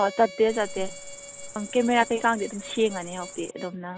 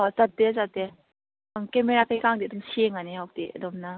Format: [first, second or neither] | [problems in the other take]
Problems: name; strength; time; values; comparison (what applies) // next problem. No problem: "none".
second | background sound (Harmonica + Cricket); 13 dB below the speech